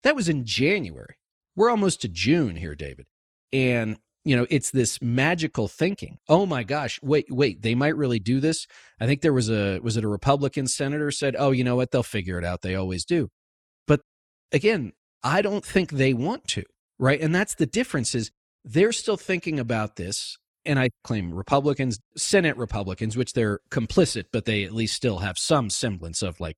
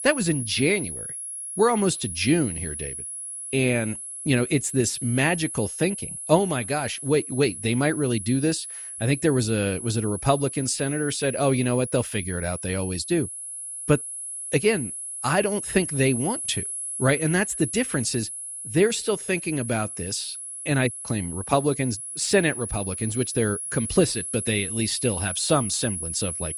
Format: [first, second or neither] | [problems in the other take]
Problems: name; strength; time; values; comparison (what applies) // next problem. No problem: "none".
first | high-pitched whine; loud; throughout; 10.5 kHz, 6 dB below the speech